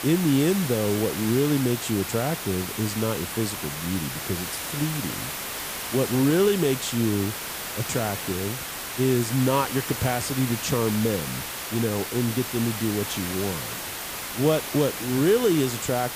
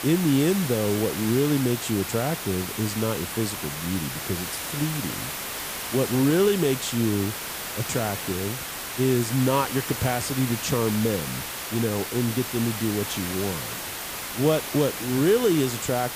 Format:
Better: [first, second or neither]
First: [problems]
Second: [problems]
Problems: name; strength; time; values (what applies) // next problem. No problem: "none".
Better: neither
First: hiss; loud; throughout; 5 dB below the speech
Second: hiss; loud; throughout; 5 dB below the speech